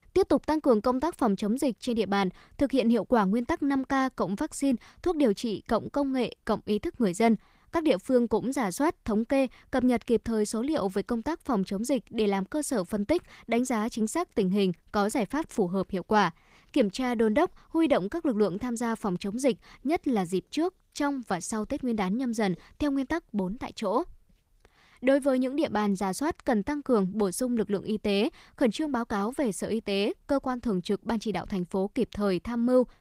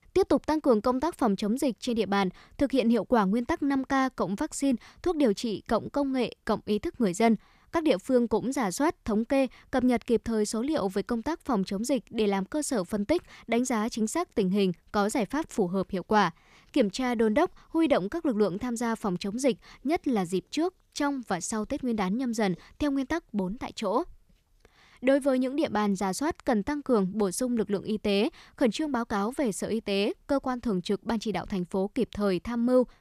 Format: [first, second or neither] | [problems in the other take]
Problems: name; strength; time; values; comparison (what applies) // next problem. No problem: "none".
second | garbled, watery; slightly; nothing above 15.5 kHz